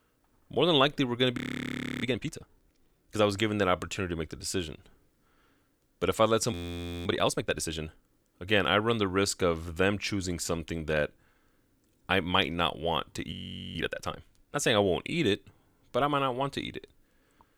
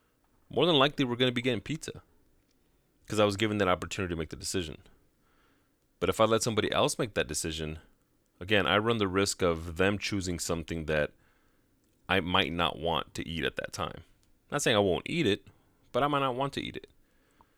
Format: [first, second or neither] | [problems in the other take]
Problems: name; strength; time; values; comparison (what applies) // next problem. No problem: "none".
second | audio freezing; at 1.5 s for 0.5 s, at 6.5 s for 0.5 s and at 13 s